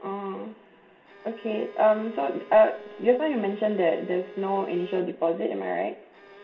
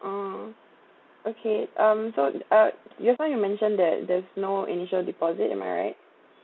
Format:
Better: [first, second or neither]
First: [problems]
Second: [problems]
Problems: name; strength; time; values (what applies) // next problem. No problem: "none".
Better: second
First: background sound (Bowed string instrument); 19 dB below the speech // room echo; dies away in 1.2 s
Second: none